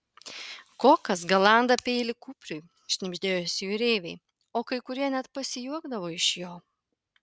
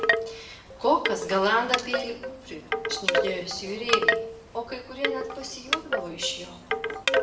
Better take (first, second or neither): first